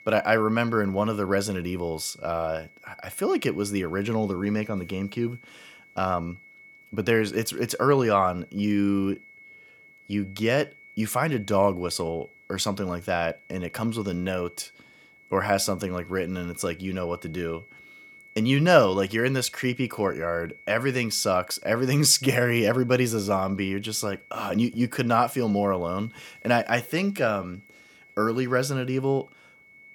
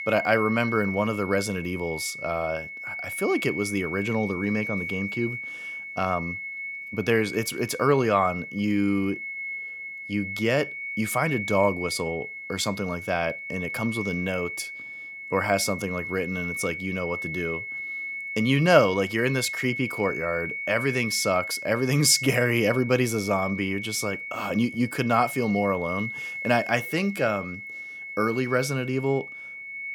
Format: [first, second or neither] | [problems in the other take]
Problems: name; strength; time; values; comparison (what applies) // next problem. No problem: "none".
first | high-pitched whine; loud; throughout; 2 kHz, 7 dB below the speech; faint in the first